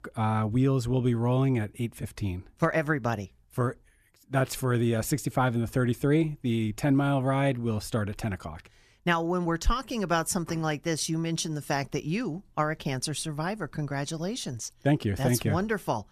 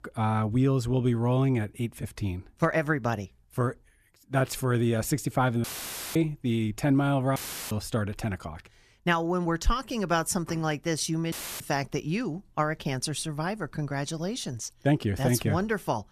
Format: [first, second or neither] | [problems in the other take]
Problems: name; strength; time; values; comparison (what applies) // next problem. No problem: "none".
first | audio cutting out; filled with static; at 5.5 s for 0.5 s, at 7.5 s and at 11 s